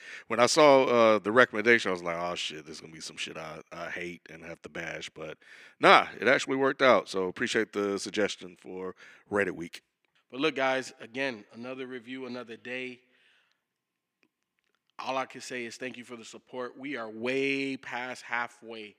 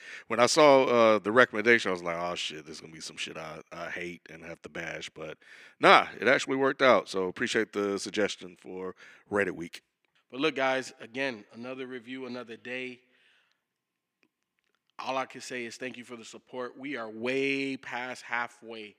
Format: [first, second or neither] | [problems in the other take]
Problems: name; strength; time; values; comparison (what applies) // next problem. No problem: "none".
neither | thin; somewhat; fading below 350 Hz; the same in both